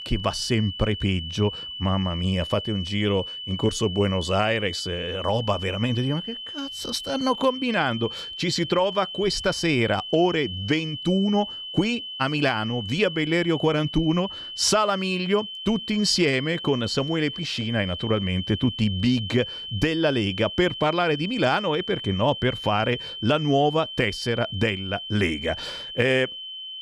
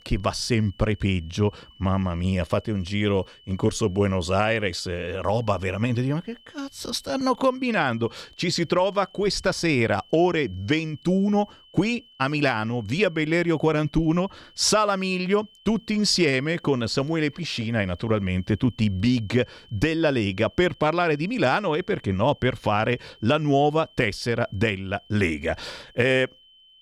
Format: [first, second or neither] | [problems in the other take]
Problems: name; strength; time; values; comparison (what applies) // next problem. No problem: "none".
second | high-pitched whine; loud; throughout; 3 kHz, 8 dB below the speech; faint in the second